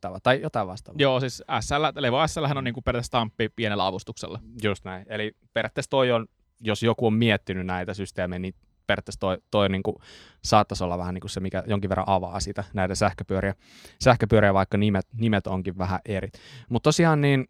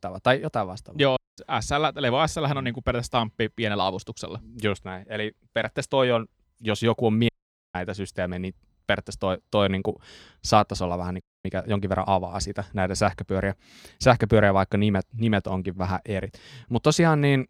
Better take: first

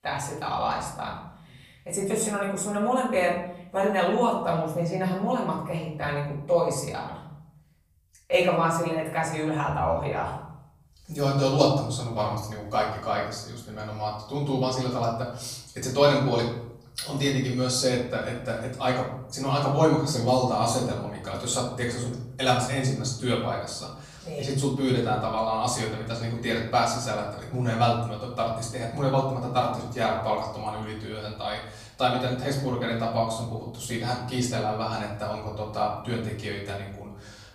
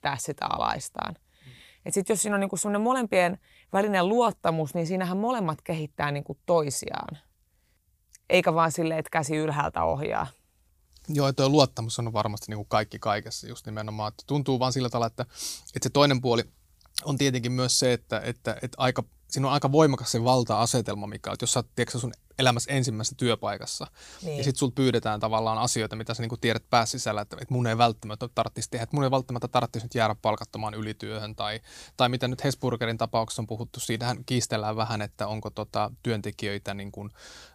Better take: second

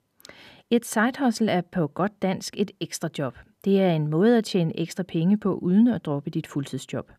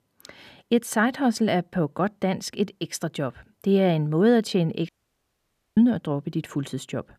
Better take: first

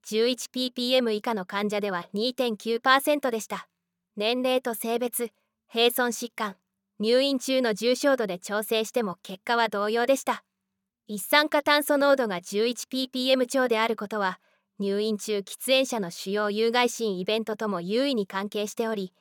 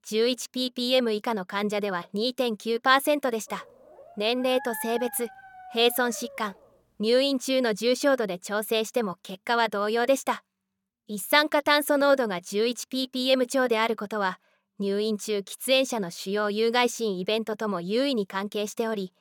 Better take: first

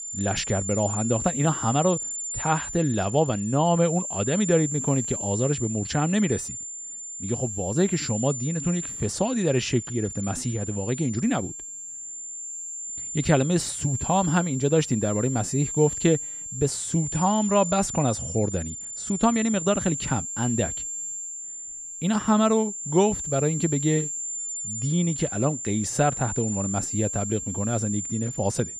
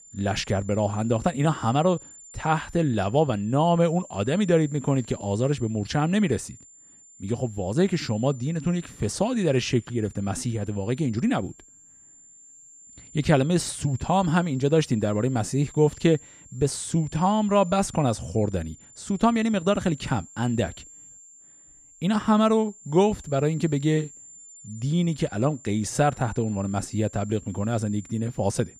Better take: second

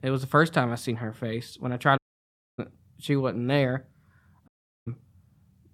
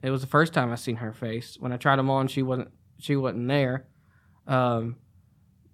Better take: second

